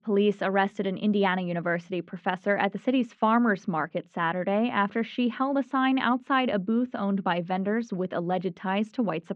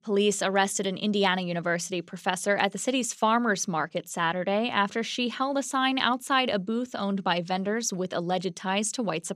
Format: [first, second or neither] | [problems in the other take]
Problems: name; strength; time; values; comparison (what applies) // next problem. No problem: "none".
second | muffled; very; fading above 2.5 kHz